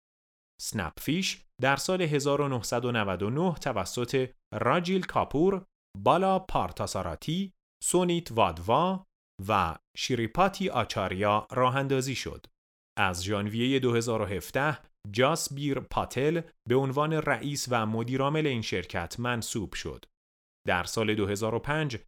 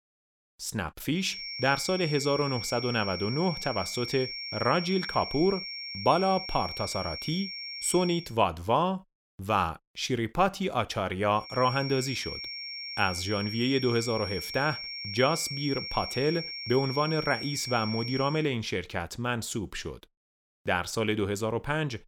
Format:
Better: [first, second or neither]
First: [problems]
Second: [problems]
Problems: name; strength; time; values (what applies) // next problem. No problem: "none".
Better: first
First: none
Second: high-pitched whine; loud; from 1.5 to 8 s and from 11 to 18 s; 5.5 kHz, 6 dB below the speech